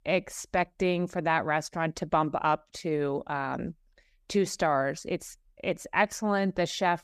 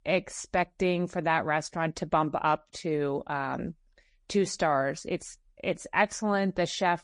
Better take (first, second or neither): first